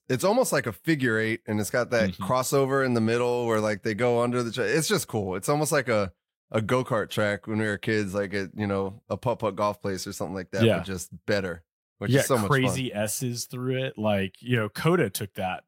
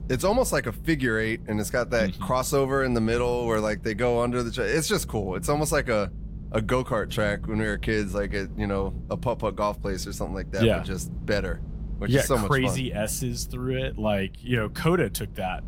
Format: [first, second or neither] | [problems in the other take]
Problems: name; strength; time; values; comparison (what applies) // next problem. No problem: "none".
first | low rumble; faint; throughout; 25 dB below the speech